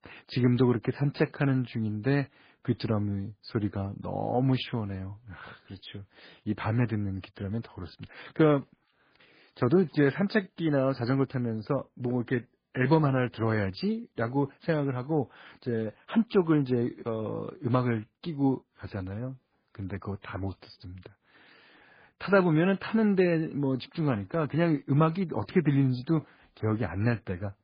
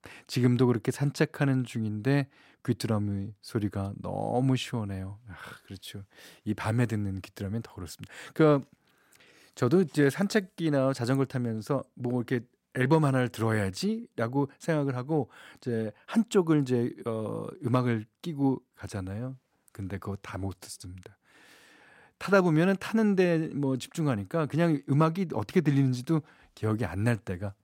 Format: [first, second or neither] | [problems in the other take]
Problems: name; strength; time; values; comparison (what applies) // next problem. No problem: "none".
second | garbled, watery; badly; nothing above 10.5 kHz